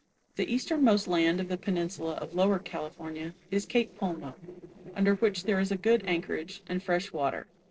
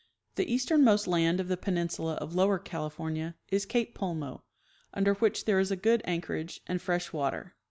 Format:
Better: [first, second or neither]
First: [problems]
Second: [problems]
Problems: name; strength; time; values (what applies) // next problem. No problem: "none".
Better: second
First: noise reduction (neural separator model SepFormer DNS4)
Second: none